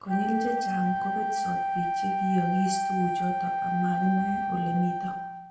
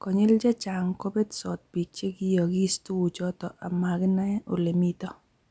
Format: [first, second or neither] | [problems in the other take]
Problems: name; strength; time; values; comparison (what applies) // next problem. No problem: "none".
second | background sound (Wind instrument, woodwind instrument); 1 dB above the speech // room echo; dies away in 0.7 s